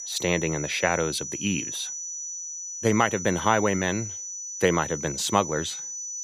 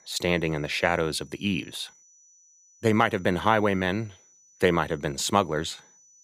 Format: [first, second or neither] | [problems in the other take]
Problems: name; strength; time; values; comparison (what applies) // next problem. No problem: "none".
second | high-pitched whine; loud; throughout; 6 kHz, 7 dB below the speech; faint in the second